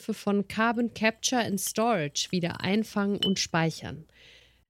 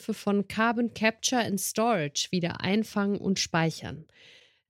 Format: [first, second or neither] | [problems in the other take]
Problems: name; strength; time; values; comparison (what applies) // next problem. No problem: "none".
second | clattering dishes; noticeable; from 1.5 to 3.5 s; peak 4 dB below the speech